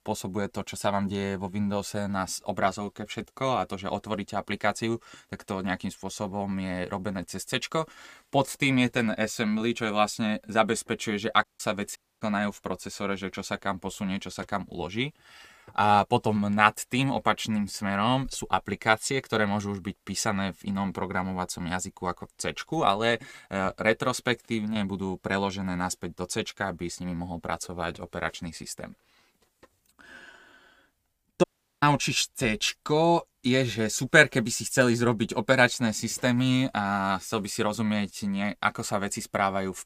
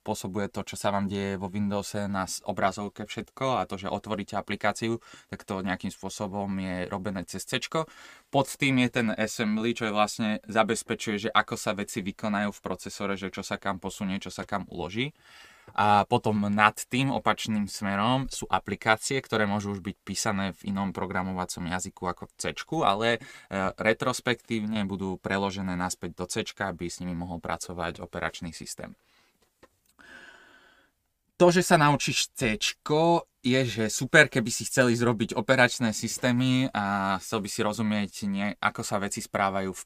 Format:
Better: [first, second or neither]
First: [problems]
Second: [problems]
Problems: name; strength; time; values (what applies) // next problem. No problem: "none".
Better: second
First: audio cutting out; at 11 s, at 12 s and at 31 s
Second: none